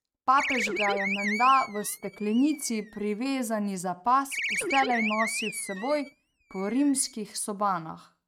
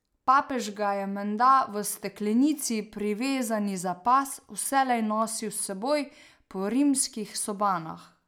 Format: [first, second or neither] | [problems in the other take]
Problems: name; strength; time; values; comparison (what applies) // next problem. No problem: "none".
second | noise reduction (neural mask model RNNoise)